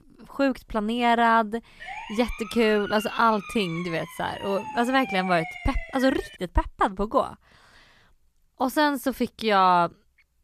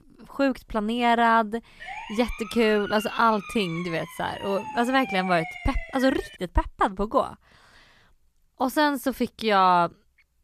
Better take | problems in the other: neither | siren; noticeable; from 2 to 6.5 s; peak 8 dB below the speech; the same in both

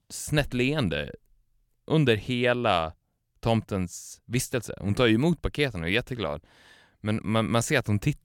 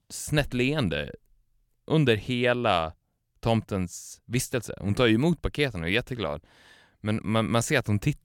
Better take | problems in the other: neither | none

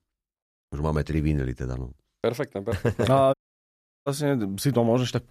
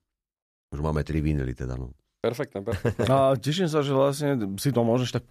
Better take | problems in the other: second | audio cutting out; at 3.5 s for 0.5 s

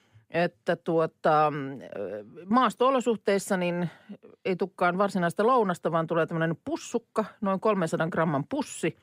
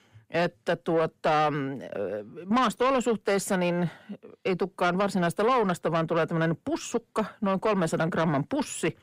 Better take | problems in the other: first | distortion; slight; 10 dB below the speech

